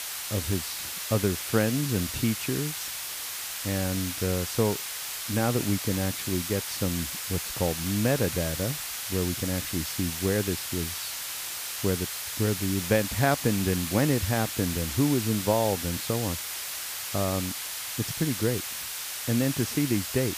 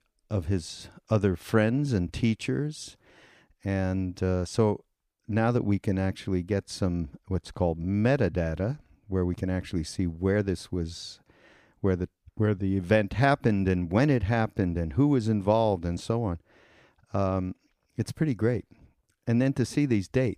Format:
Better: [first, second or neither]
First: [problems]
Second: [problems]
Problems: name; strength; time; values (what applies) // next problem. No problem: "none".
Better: second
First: hiss; loud; throughout; 3 dB below the speech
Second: none